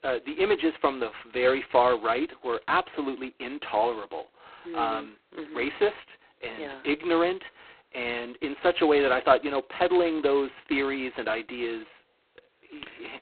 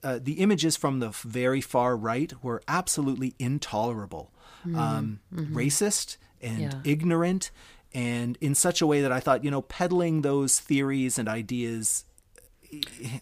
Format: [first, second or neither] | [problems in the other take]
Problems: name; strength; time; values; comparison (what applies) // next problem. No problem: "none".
second | phone-call audio; poor line; nothing above 4 kHz